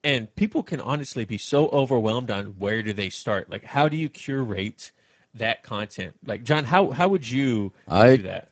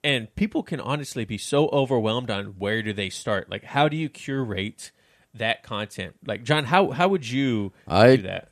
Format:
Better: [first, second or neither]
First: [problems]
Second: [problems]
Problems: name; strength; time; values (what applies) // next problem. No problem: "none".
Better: second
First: garbled, watery; badly; nothing above 8 kHz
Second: none